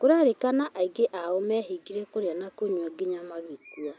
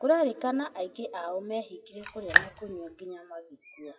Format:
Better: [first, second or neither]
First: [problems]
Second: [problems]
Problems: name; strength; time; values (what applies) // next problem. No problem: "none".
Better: first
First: none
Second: noise reduction (classical method WPE with log-MMSE)